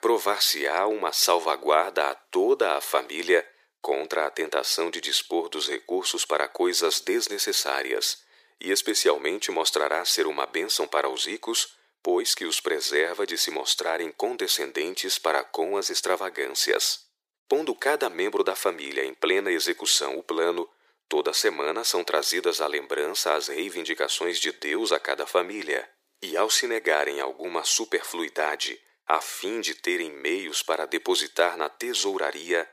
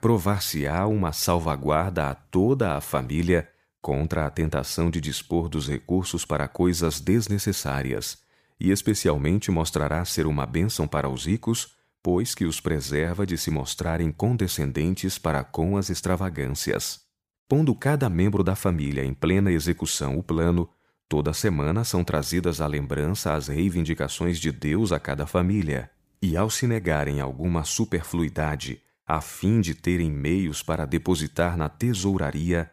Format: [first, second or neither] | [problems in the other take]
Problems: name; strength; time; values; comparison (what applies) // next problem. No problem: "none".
second | thin; very; fading below 350 Hz